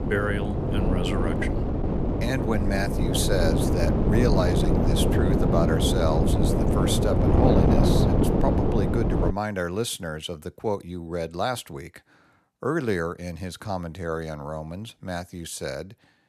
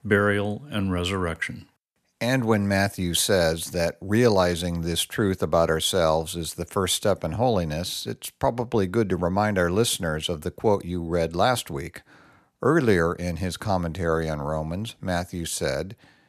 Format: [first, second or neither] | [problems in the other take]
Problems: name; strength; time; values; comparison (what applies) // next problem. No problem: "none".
second | wind noise on the microphone; heavy; until 9.5 s; 1 dB above the speech